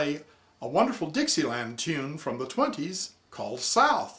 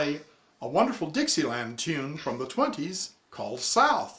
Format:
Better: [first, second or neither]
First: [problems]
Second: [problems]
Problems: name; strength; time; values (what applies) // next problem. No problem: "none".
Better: first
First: none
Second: noise reduction (neural mask model Resemble Enhance denoiser)